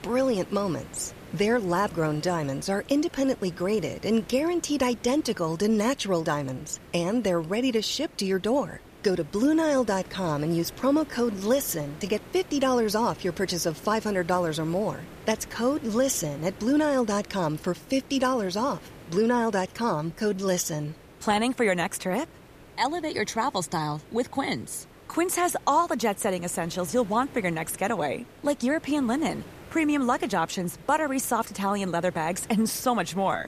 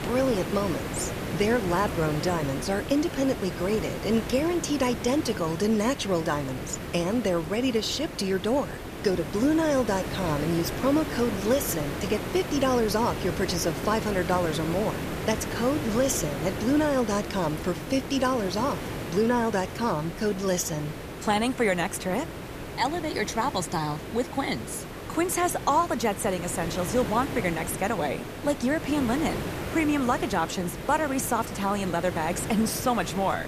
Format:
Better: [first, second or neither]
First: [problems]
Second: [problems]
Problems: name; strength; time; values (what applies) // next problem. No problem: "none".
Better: first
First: hiss; faint; throughout; 20 dB below the speech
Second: hiss; loud; throughout; 7 dB below the speech